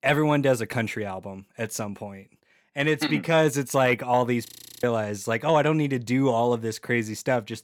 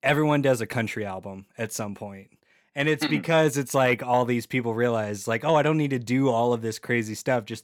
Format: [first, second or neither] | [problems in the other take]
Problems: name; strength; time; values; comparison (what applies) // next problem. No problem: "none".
second | audio freezing; at 4.5 s